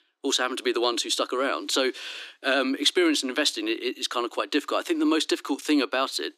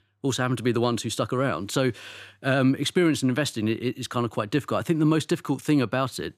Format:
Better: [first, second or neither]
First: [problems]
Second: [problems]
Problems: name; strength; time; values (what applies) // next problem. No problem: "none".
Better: second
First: thin; very slightly; fading below 300 Hz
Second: none